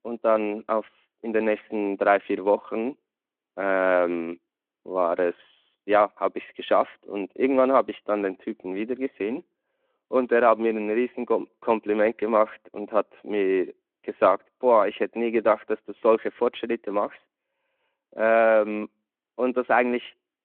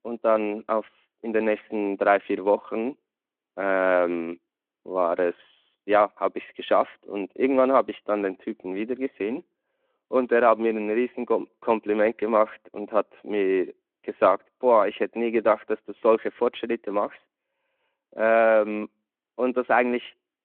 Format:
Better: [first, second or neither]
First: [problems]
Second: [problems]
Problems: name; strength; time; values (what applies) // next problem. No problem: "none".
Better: neither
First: phone-call audio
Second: phone-call audio